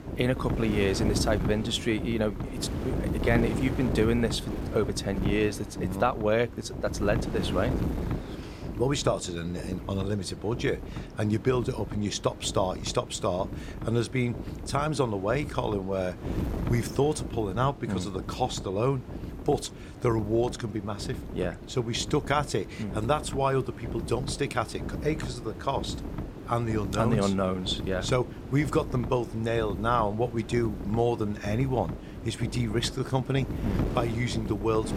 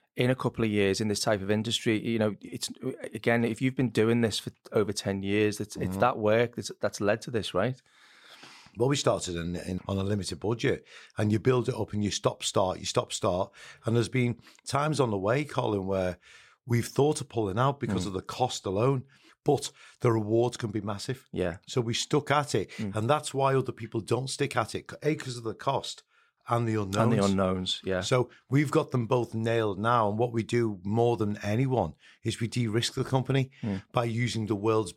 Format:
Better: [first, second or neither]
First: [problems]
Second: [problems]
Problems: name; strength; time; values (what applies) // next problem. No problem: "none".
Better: second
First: wind noise on the microphone; occasional gusts; 10 dB below the speech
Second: none